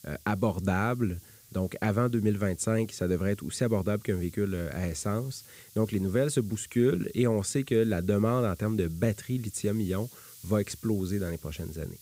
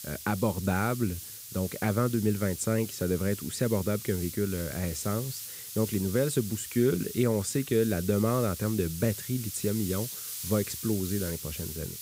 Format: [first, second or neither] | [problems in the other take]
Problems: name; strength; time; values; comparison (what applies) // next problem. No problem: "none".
first | hiss; loud; throughout; 8 dB below the speech; faint in the first